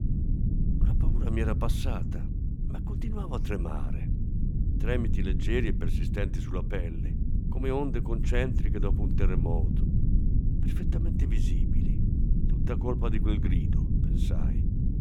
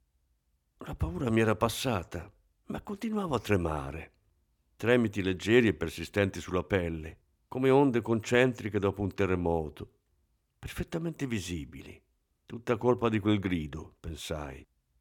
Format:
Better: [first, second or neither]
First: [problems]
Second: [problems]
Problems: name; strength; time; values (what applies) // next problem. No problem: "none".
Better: second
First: low rumble; loud; throughout; 5 dB below the speech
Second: none